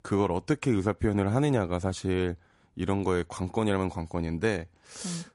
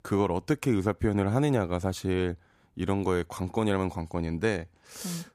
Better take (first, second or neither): second